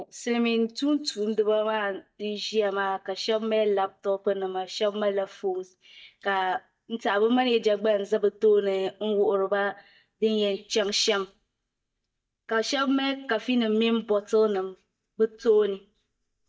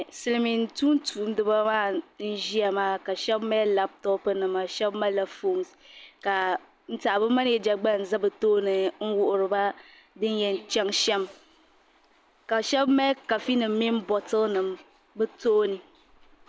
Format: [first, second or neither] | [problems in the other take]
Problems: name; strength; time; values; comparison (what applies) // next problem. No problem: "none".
second | noise reduction (neural mask model DeepFilterNet 3)